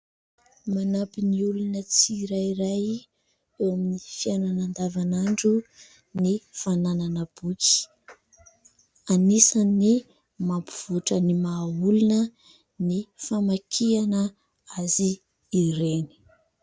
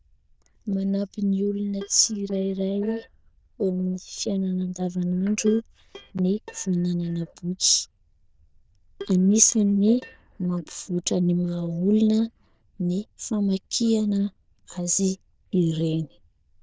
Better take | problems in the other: first | noise reduction (neural diffusion model UNIVERSE++)

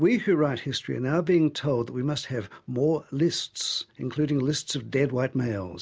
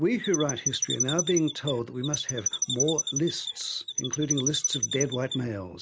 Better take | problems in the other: first | background sound (Chirp, tweet); 3 dB below the speech

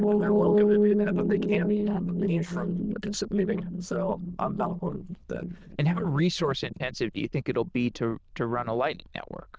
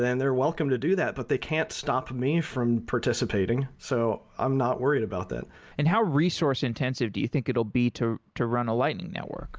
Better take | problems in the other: second | noise reduction (neural diffusion model UNIVERSE++)

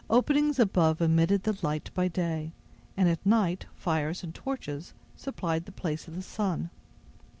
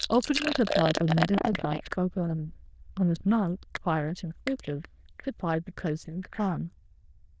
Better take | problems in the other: first | noise reduction (neural diffusion model UNIVERSE++)

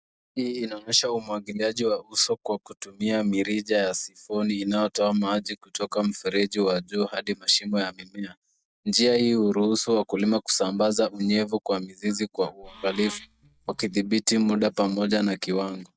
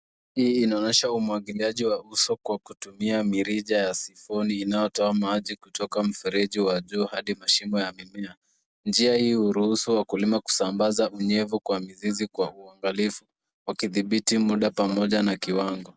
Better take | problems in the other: second | noise reduction (neural mask model DeepFilterNet 3)

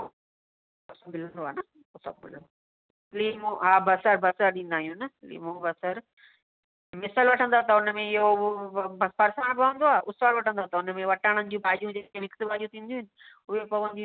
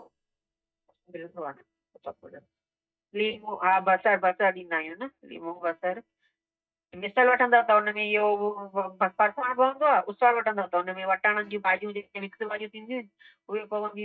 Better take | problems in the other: first | noise reduction (neural mask model DeepFilterNet 3)

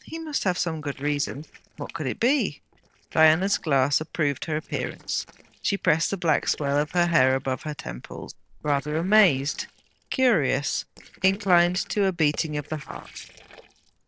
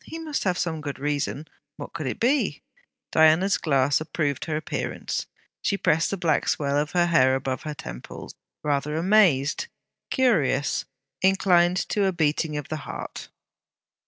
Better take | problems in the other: second | noise reduction (neural separator model SepFormer DNS4)

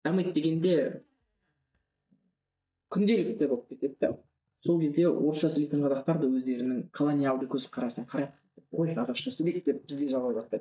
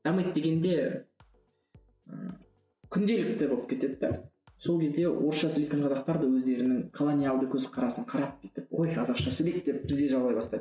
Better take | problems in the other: second | noise reduction (neural mask model DeepFilterNet 3)

